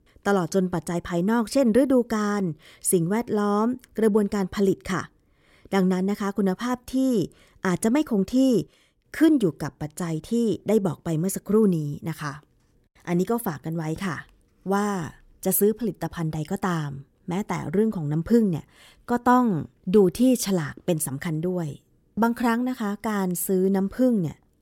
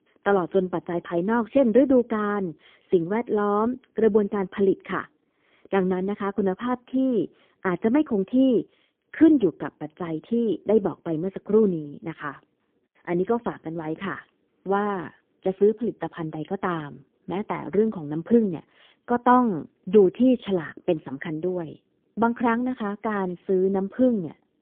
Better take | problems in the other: first | phone-call audio; poor line; nothing above 3.5 kHz

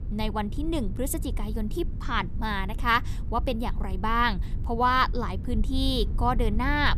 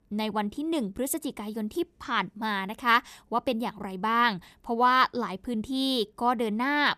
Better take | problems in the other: second | low rumble; faint; throughout; 20 dB below the speech

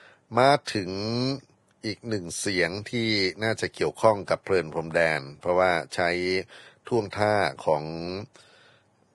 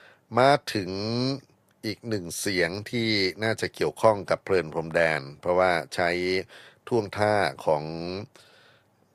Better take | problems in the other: second | garbled, watery; badly; nothing above 10.5 kHz; slightly in the second

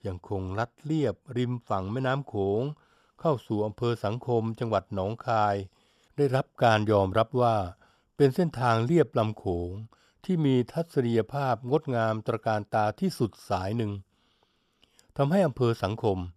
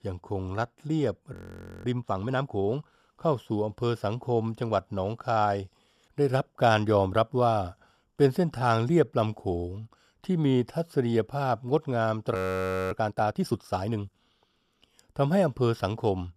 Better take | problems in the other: first | audio freezing; at 1.5 s for 0.5 s and at 12 s for 0.5 s

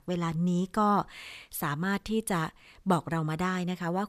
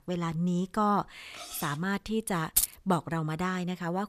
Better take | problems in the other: first | clattering dishes; noticeable; at 1.5 s; peak 10 dB below the speech // jangling keys; loud; at 2.5 s; peak 4 dB above the speech

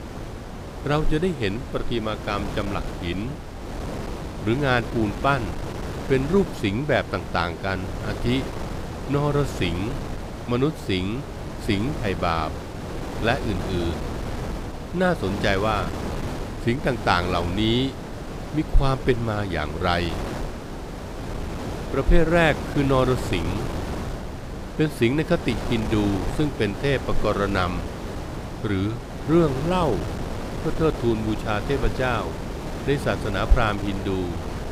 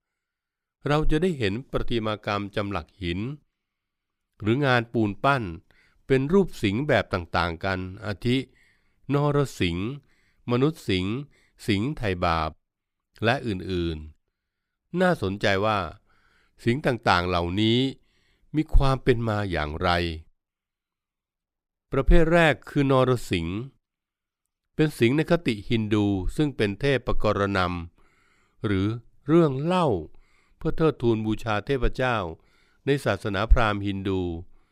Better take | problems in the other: second | wind noise on the microphone; heavy; 9 dB below the speech

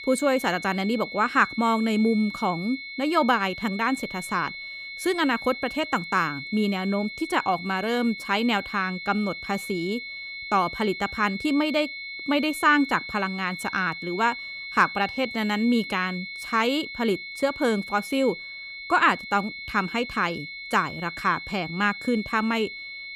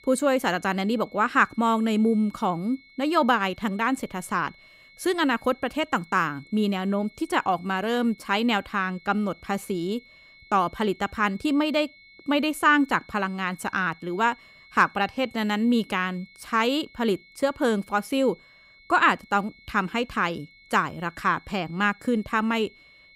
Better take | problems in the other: second | high-pitched whine; loud; throughout; 2 kHz, 9 dB below the speech; faint in the second

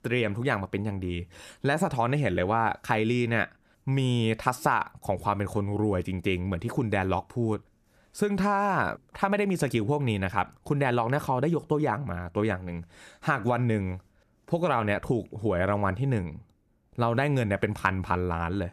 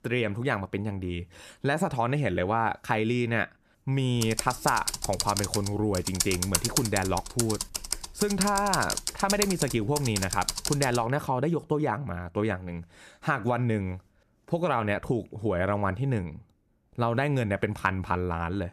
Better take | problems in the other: first | keyboard typing; loud; from 4 to 11 s; peak 3 dB above the speech

